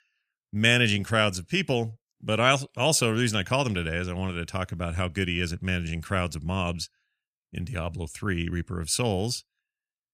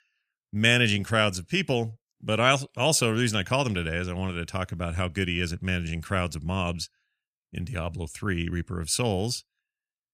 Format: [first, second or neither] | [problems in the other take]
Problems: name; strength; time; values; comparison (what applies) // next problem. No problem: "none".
neither | none